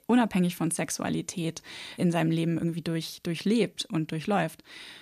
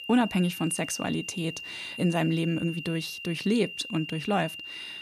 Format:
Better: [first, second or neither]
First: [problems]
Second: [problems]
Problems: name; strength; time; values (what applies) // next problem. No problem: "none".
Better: first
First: none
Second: high-pitched whine; loud; throughout; 3 kHz, 9 dB below the speech